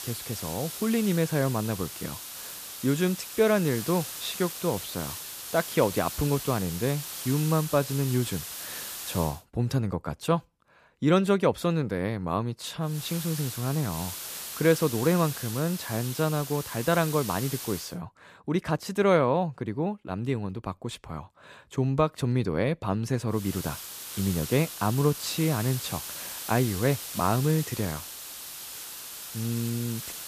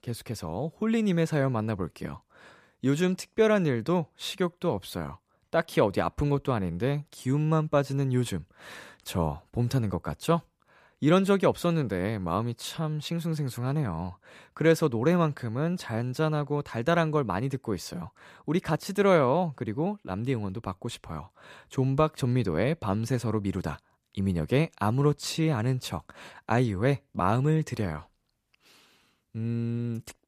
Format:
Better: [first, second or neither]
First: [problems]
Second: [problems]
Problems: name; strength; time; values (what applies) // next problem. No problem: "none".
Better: second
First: hiss; loud; until 9.5 s, from 13 to 18 s and from 23 s on; 8 dB below the speech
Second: none